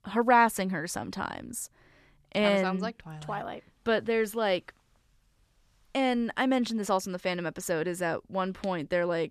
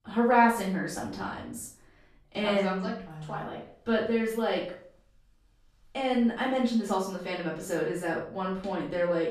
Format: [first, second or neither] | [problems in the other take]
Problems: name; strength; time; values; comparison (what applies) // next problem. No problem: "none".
first | off-mic speech; far // room echo; noticeable; dies away in 0.4 s